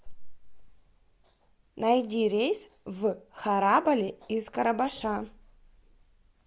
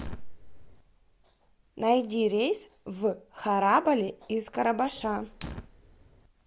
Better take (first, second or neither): first